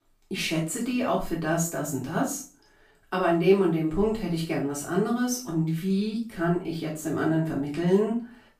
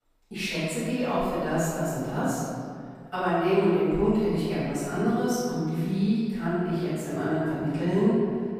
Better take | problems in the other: first | room echo; strong; dies away in 2.2 s; slight in the first // off-mic speech; far; far in the first

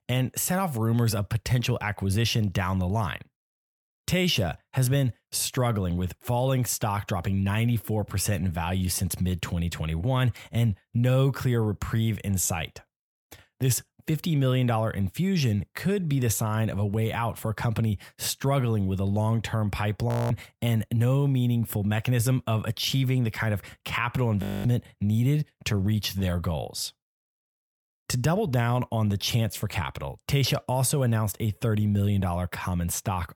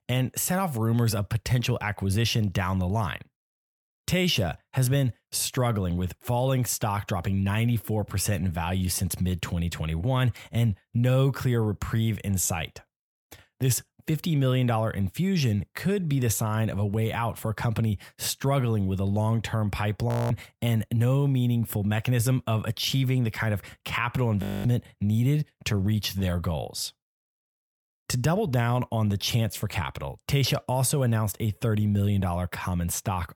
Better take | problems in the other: neither | audio freezing; at 20 s and at 24 s; the same in both

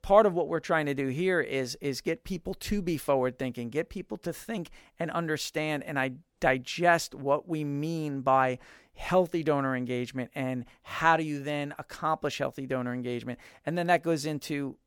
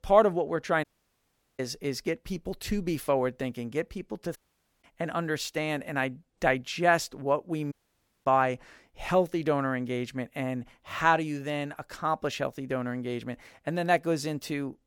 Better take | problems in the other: first | audio cutting out; at 1 s for 0.5 s, at 4.5 s and at 7.5 s for 0.5 s

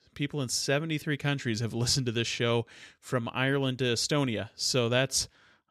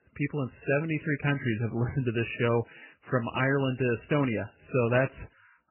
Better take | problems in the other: first | garbled, watery; badly; nothing above 3 kHz

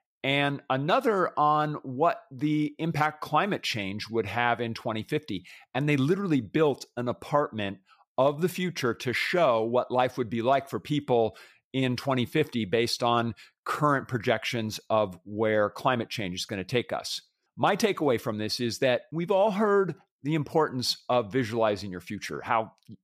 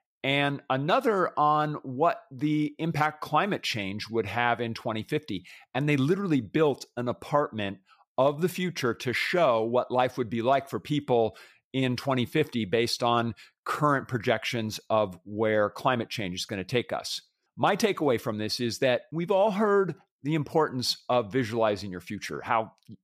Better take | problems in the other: neither | none

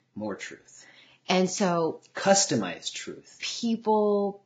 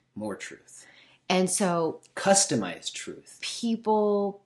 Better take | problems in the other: second | garbled, watery; badly; nothing above 7.5 kHz; slightly in the second

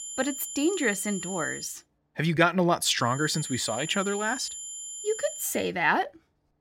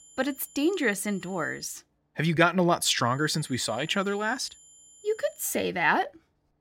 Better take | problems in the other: second | high-pitched whine; loud; until 1.5 s and from 3 to 5.5 s; 7 kHz, 8 dB below the speech; faint in the second

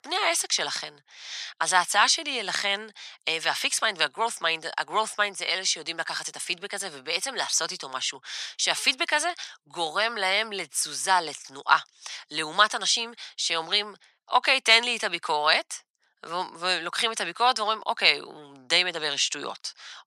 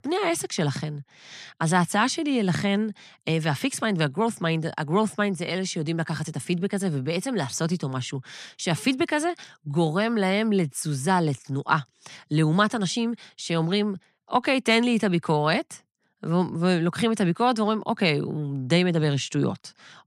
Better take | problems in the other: second | thin; very; fading below 850 Hz

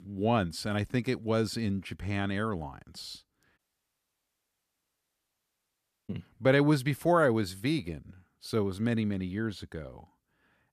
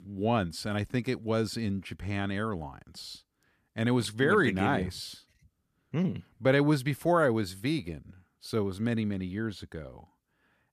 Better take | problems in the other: second | audio cutting out; at 3.5 s for 2.5 s

